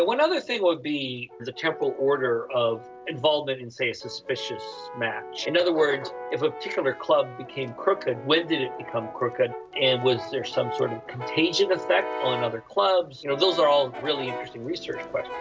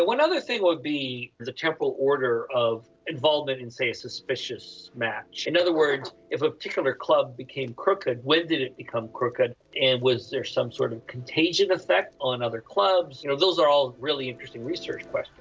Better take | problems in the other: second | background sound (Brass instrument); 12 dB below the speech

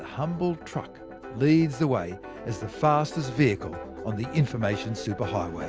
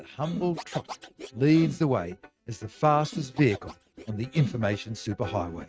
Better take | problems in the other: first | noise reduction (neural mask model RNNoise)

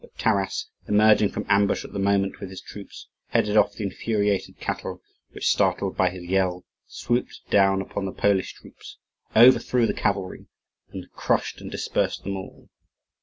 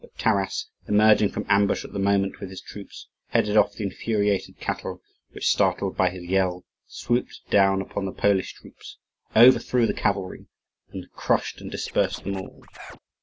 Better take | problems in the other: first | background sound (Scratching (performance technique)); 17 dB below the speech

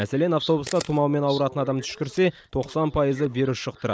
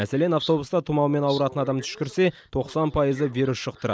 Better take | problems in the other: second | noise reduction (neural mask model DeepFilterNet 3)

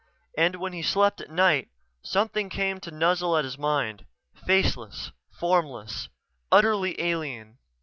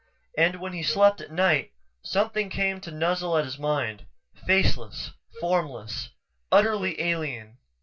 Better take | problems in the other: first | background sound (Wind instrument, woodwind instrument); 20 dB below the speech // room echo; dies away in 0.2 s

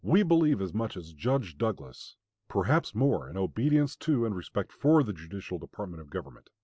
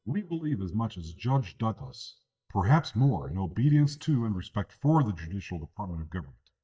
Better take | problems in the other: first | noise reduction (neural mask model DeepFilterNet 3)

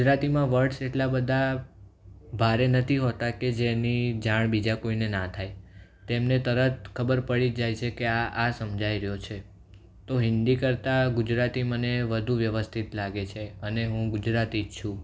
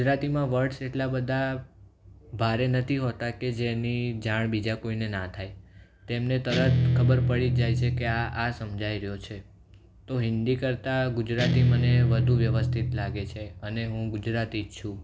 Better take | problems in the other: first | background sound (Guitar); 2 dB above the speech

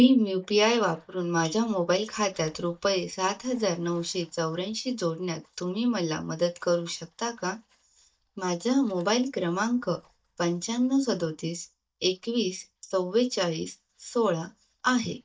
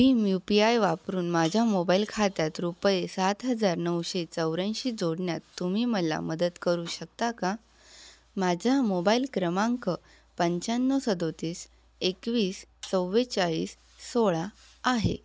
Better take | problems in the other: second | noise reduction (neural mask model DeepFilterNet 3)

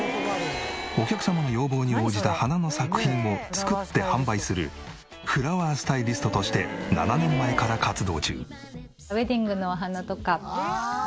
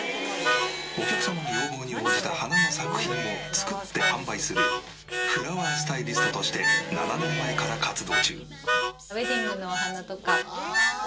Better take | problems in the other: first | background sound (Harmonica); 1 dB above the speech // room echo; dies away in 0.2 s

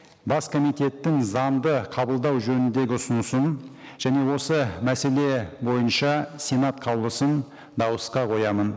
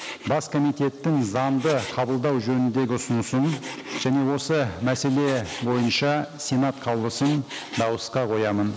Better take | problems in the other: first | background sound (Frying (food)); 16 dB below the speech

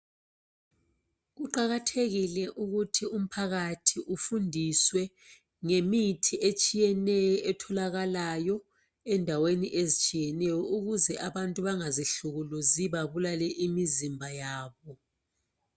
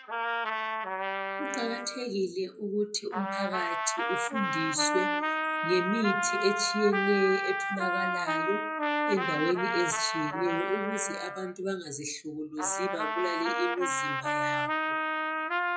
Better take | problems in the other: first | noise reduction (classical method WPE with log-MMSE)

